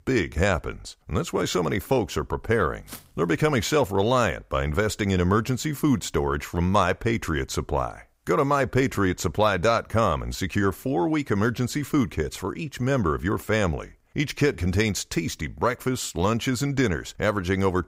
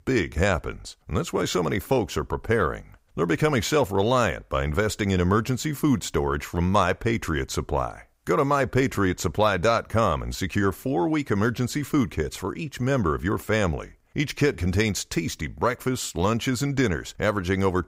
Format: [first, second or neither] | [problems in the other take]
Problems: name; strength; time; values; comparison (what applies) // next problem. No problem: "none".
second | footsteps; faint; at 3 s; peak 15 dB below the speech